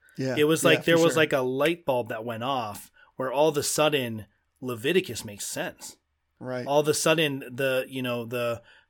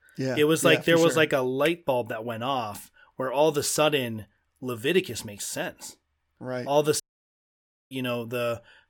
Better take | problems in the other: first | audio cutting out; at 7 s for 1 s

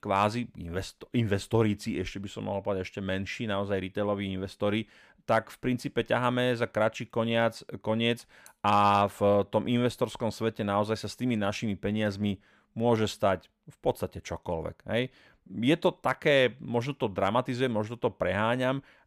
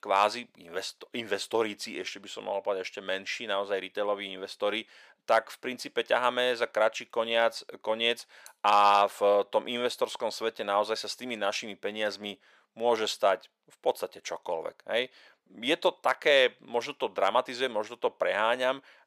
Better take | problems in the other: first | thin; very; fading below 550 Hz

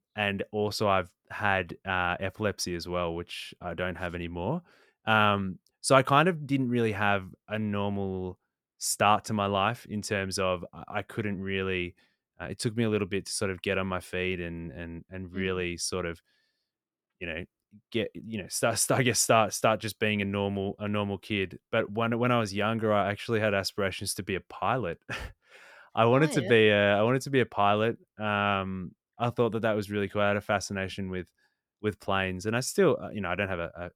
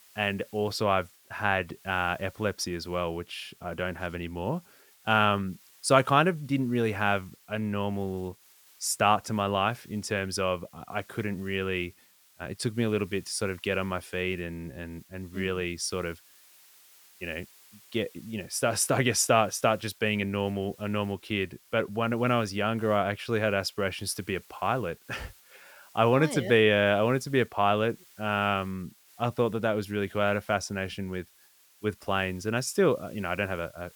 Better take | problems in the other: first | hiss; faint; throughout; 25 dB below the speech

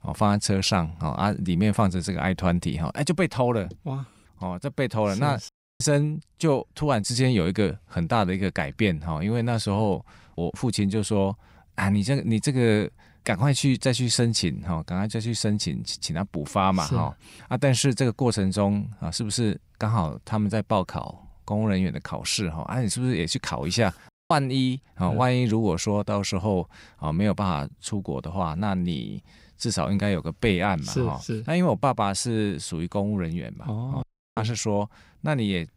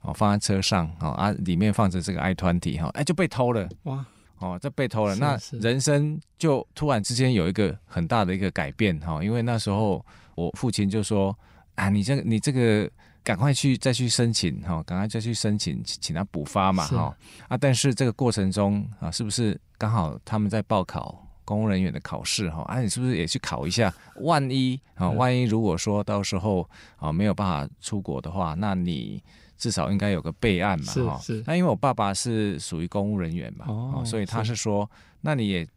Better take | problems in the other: second | audio cutting out; at 5.5 s, at 24 s and at 34 s

